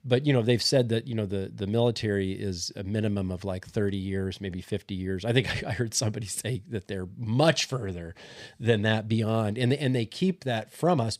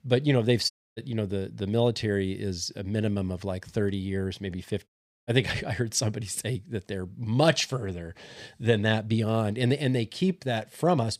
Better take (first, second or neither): first